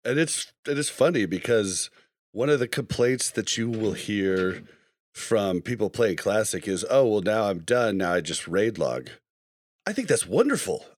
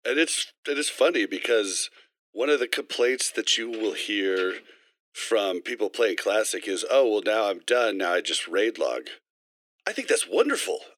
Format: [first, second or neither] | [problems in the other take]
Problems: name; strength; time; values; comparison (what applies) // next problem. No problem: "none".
first | thin; somewhat; fading below 300 Hz